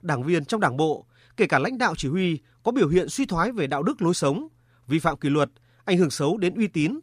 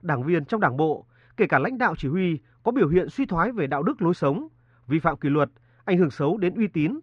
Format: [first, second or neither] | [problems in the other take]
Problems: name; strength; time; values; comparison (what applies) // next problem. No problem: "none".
first | muffled; very; fading above 2 kHz